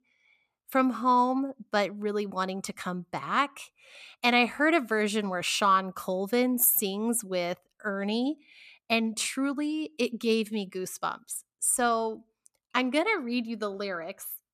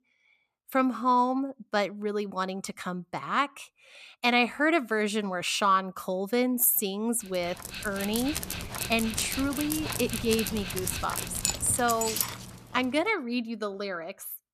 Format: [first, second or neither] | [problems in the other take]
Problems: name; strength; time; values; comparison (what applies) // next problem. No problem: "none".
first | dog barking; loud; from 7.5 to 12 s; peak level with the speech